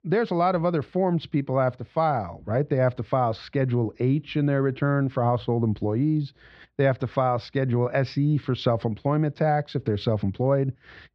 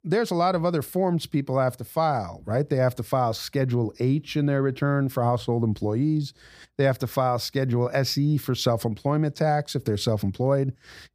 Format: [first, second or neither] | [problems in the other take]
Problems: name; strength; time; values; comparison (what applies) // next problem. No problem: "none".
second | muffled; slightly; fading above 3.5 kHz